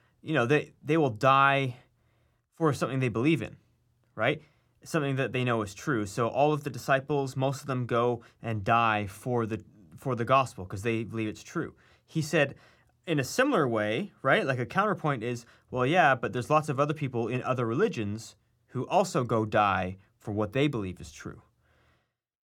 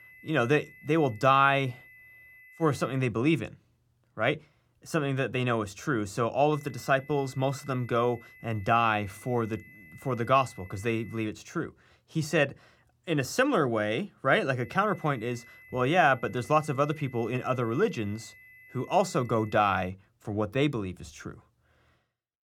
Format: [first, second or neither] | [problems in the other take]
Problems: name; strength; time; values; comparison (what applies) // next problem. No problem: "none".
first | high-pitched whine; faint; until 3 s, from 6.5 to 11 s and from 15 to 20 s; 2 kHz, 25 dB below the speech